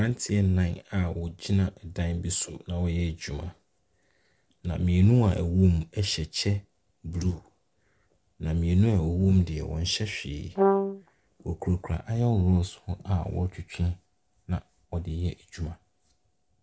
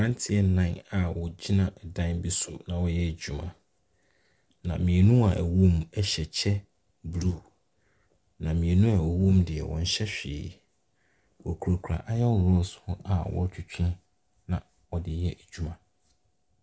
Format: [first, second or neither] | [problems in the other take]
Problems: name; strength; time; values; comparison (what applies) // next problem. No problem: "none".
second | background sound (Brass instrument); 3 dB above the speech